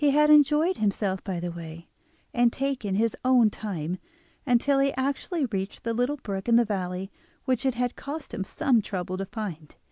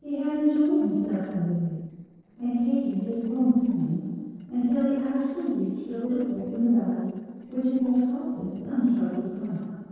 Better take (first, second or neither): first